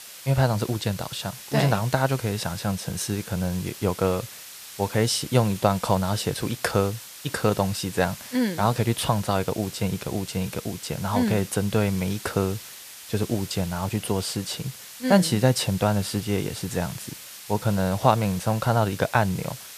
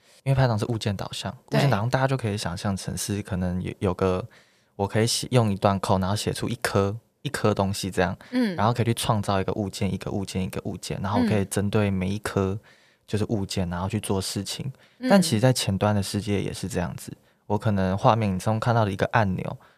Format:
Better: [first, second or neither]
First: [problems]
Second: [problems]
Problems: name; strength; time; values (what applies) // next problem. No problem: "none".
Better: second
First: hiss; noticeable; throughout; 15 dB below the speech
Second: none